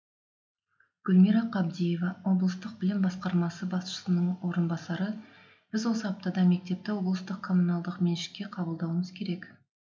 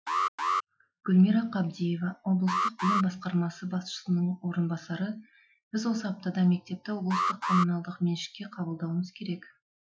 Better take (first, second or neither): first